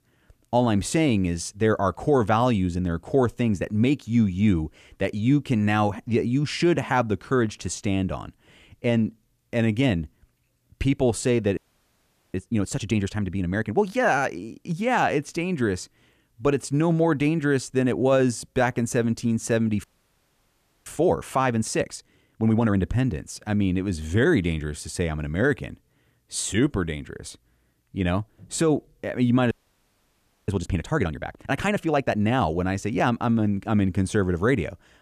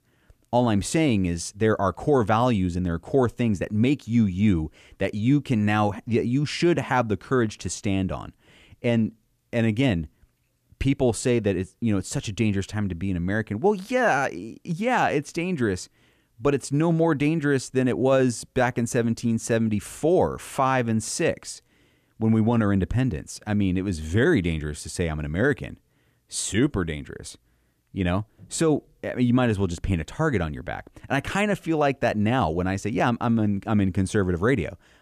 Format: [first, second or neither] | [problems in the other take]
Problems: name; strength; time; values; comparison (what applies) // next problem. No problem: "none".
second | audio freezing; at 12 s for 1 s, at 20 s for 1 s and at 30 s for 1 s